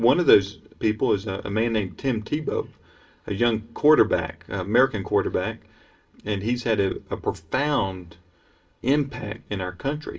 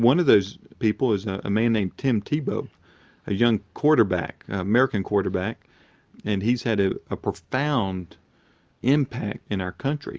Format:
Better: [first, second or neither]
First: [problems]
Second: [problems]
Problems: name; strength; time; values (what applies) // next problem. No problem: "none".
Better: second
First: room echo; dies away in 0.2 s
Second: none